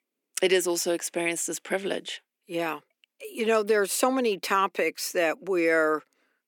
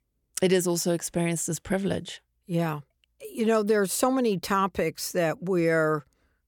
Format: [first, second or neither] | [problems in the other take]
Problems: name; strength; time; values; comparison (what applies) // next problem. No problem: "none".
second | thin; somewhat; fading below 250 Hz